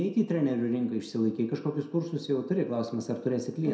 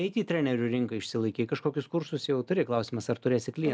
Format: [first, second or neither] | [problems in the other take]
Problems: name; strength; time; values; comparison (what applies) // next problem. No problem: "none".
second | room echo; dies away in 0.6 s